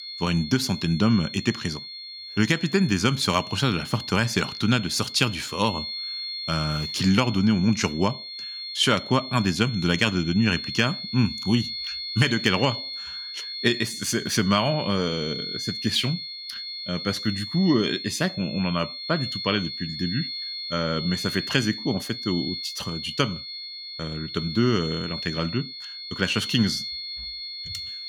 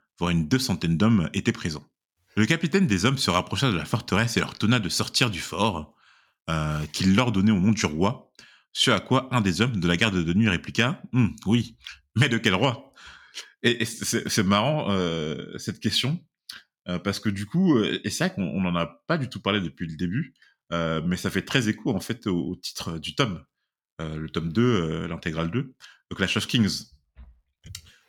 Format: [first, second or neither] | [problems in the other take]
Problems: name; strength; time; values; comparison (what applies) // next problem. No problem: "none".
second | high-pitched whine; loud; throughout; 4.5 kHz, 7 dB below the speech